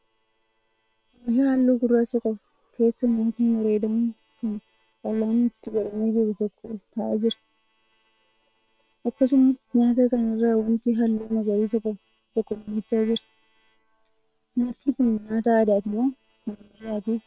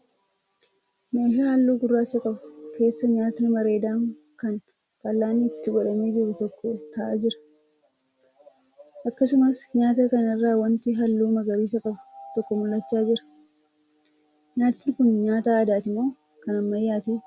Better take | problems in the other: second | noise reduction (neural separator model SepFormer WHAM!)

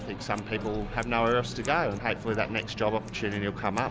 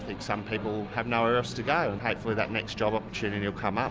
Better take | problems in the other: second | background sound (Engine starting / Car + Scissors); 16 dB below the speech

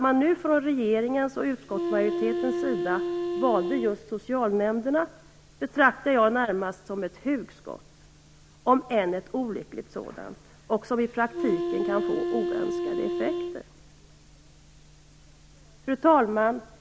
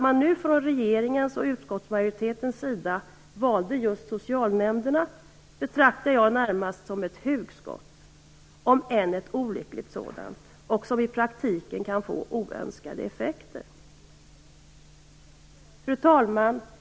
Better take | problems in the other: second | background sound (Wind instrument, woodwind instrument); 3 dB below the speech

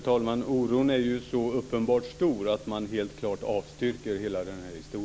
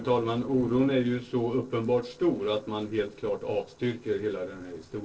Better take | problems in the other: first | noise reduction (neural separator model SepFormer DNS4)

